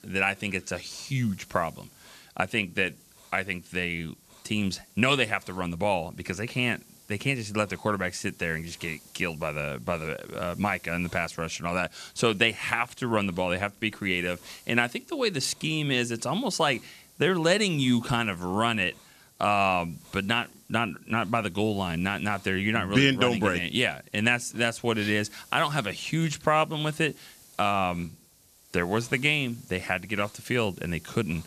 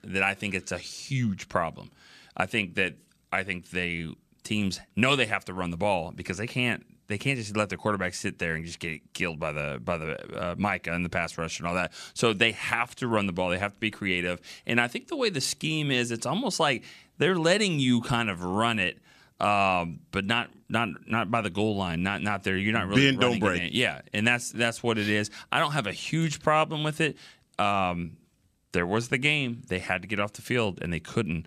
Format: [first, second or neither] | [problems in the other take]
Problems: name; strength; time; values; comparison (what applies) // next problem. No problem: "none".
second | hiss; faint; throughout; 25 dB below the speech